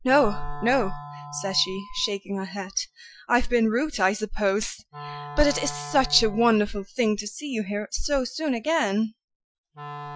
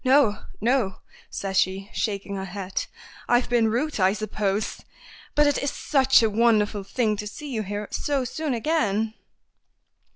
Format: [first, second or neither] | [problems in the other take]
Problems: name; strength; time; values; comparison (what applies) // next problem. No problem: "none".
second | noise reduction (classical method Wiener filter)